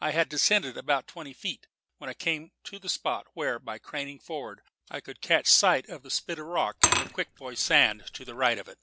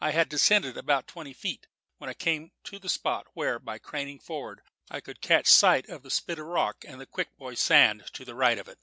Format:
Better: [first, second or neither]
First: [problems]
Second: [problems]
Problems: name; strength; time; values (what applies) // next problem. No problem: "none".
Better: second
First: background sound (Glass / Liquid); 3 dB below the speech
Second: none